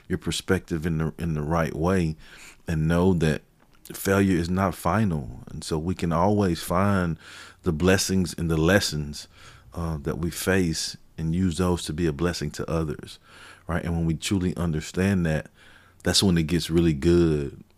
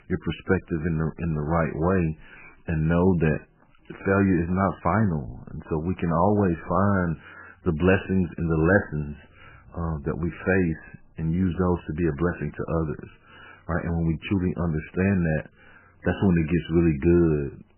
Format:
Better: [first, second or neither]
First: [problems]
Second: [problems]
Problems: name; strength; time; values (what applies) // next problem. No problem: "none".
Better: first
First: none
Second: garbled, watery; badly; nothing above 3 kHz